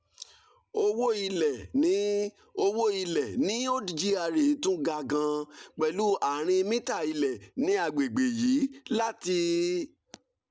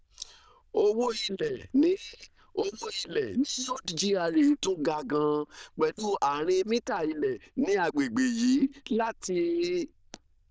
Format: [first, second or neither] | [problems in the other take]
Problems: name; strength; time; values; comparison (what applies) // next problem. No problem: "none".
first | noise reduction (neural diffusion model UNIVERSE++)